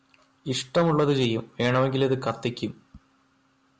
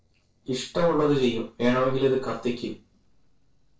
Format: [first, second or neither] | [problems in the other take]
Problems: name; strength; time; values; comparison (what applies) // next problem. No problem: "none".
first | noise reduction (neural separator model SepFormer DNS4)